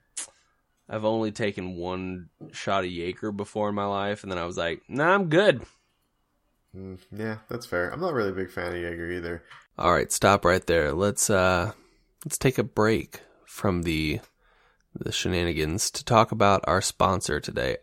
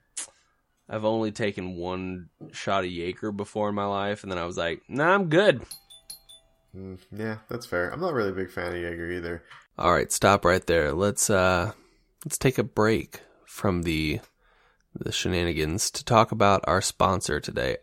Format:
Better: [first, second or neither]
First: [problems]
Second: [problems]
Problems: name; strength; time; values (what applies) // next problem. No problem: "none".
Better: first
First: none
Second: doorbell; faint; at 5.5 s; peak 20 dB below the speech